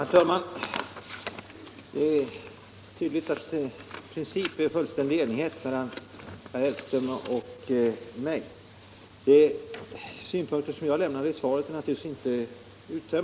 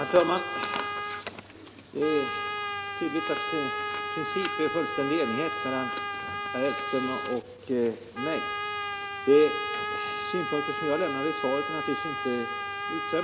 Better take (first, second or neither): first